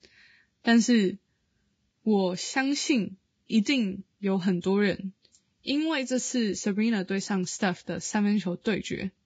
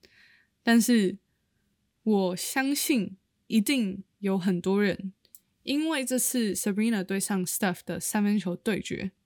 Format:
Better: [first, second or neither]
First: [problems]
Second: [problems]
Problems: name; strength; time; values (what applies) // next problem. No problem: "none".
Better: second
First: garbled, watery; badly; nothing above 7.5 kHz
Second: none